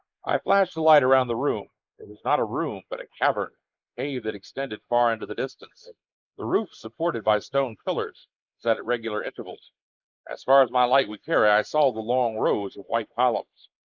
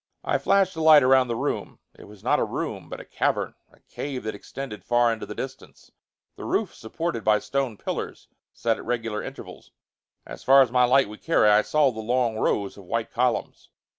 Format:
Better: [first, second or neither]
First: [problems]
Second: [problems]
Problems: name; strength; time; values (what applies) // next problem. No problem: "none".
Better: second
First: noise reduction (neural mask model Resemble Enhance denoiser)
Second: none